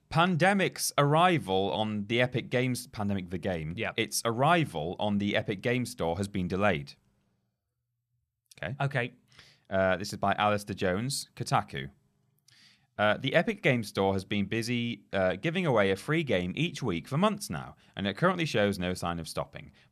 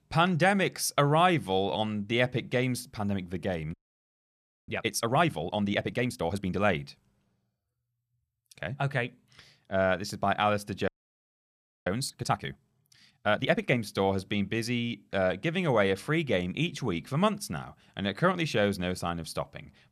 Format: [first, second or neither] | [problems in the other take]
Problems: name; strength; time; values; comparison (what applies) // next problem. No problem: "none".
first | audio freezing; at 3.5 s for 1 s and at 11 s for 1 s